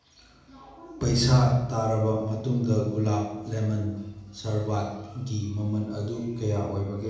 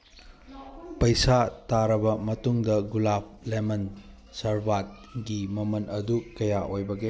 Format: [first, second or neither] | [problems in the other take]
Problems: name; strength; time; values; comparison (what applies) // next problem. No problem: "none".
second | room echo; dies away in 1 s